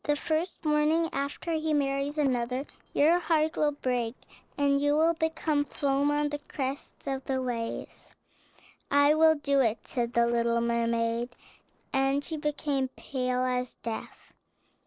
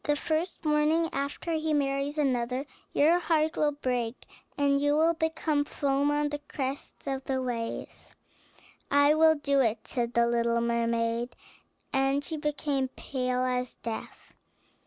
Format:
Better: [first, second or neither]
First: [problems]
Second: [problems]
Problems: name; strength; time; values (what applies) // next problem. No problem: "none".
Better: second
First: noise reduction (neural separator model SepFormer DNS4)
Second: none